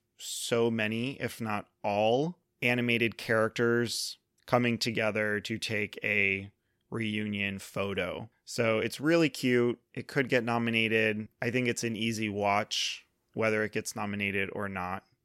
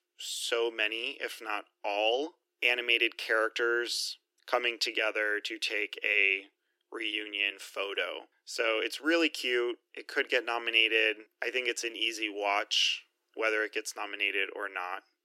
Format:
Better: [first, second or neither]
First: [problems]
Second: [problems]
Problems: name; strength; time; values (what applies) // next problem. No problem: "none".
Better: first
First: none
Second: thin; very; fading below 300 Hz